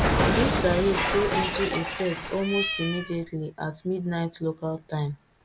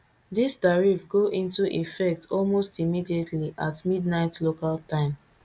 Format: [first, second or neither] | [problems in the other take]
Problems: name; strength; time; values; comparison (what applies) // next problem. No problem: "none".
second | background sound (Cat); as loud as the speech